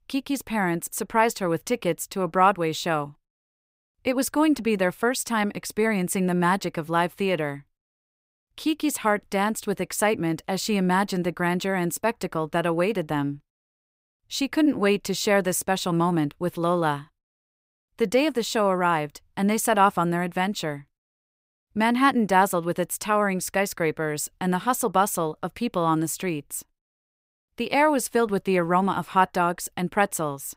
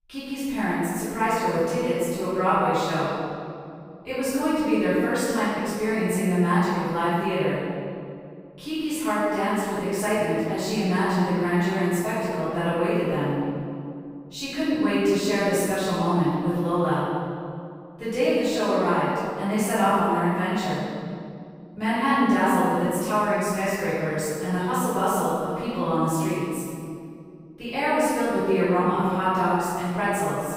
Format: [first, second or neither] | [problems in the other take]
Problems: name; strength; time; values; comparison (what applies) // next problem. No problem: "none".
first | off-mic speech; far // room echo; strong; dies away in 2.3 s